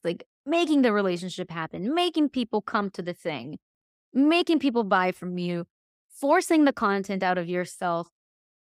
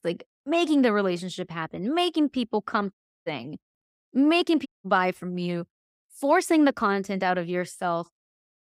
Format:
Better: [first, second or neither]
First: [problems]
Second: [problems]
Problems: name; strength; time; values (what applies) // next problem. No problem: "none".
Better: first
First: none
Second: audio cutting out; at 3 s and at 4.5 s